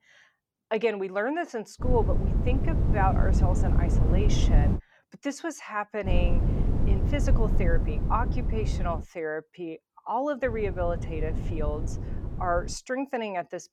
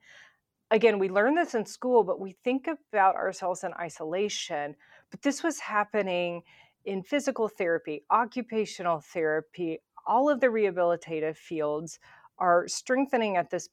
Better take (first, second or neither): second